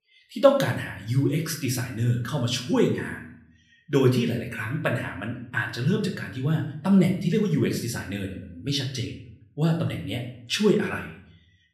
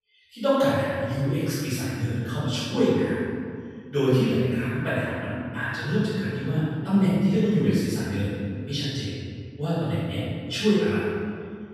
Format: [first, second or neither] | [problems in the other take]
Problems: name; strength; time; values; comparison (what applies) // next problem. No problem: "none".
first | room echo; strong; dies away in 1.9 s; slight in the first // off-mic speech; far; somewhat distant in the first